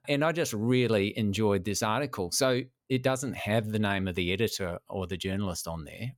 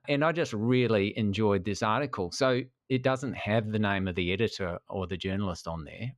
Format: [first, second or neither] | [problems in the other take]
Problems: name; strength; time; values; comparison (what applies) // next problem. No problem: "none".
first | muffled; very slightly; fading above 4 kHz